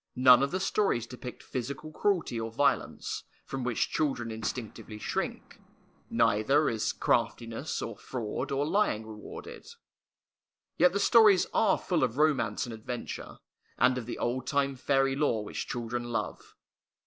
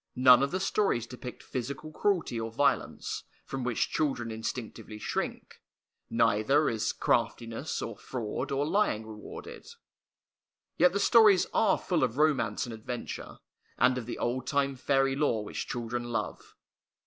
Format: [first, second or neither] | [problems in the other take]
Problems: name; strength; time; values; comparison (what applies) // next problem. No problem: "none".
second | noise reduction (neural separator model SepFormer DNS4)